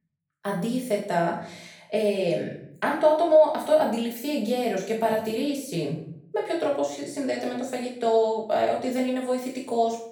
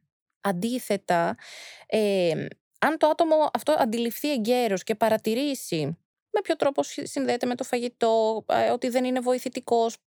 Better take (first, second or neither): second